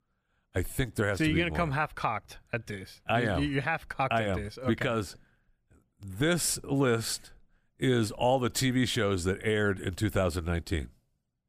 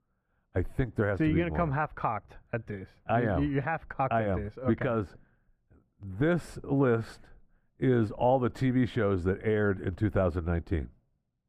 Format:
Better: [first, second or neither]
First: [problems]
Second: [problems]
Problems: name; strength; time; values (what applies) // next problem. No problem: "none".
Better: first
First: none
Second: muffled; very; fading above 3 kHz